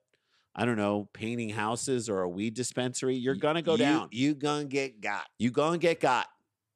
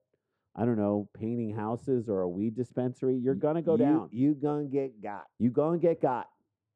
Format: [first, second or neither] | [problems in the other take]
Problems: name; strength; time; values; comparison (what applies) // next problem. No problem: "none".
first | muffled; very; fading above 1.5 kHz